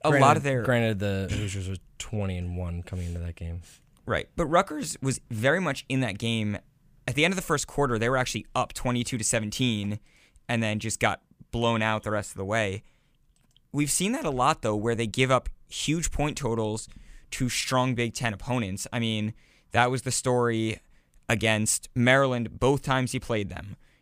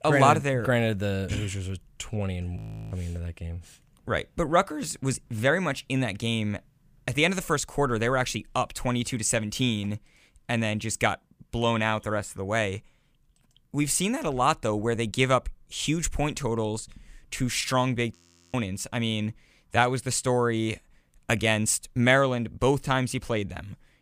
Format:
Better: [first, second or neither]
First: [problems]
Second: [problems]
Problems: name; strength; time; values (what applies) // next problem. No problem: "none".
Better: first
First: none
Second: audio freezing; at 2.5 s and at 18 s